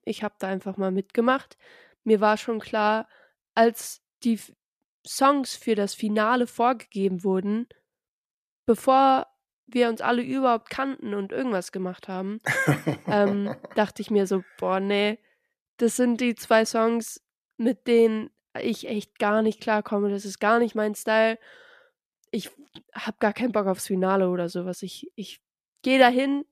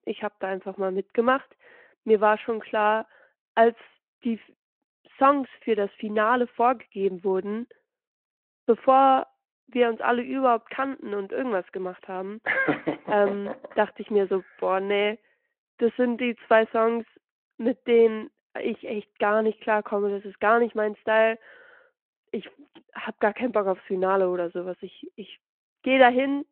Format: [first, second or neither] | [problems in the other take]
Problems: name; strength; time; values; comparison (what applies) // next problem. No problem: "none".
first | phone-call audio